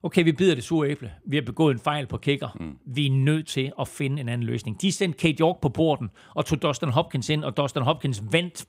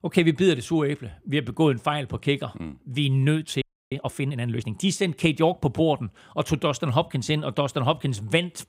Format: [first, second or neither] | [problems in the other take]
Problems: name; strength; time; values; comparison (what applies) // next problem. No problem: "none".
first | audio freezing; at 3.5 s